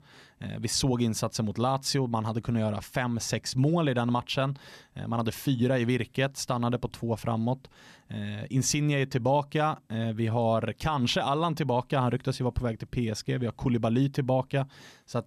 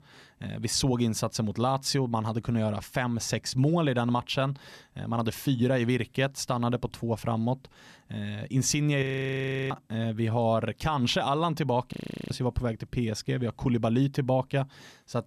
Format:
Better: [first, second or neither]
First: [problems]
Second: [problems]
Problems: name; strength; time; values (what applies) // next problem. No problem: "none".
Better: first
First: none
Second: audio freezing; at 9 s for 0.5 s and at 12 s